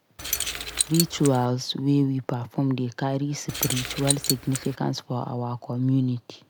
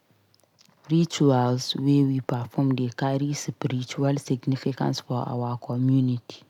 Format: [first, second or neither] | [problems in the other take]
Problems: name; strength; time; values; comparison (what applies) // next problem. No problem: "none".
second | background sound (Keys jangling); 3 dB below the speech